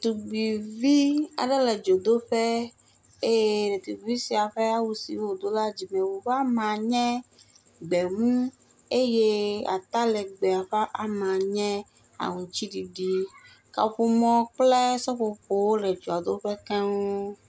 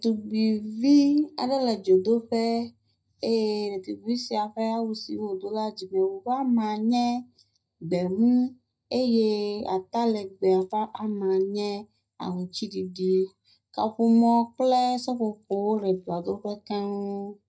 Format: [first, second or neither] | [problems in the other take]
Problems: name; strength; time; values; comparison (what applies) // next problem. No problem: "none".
first | noise reduction (neural mask model DeepFilterNet 3)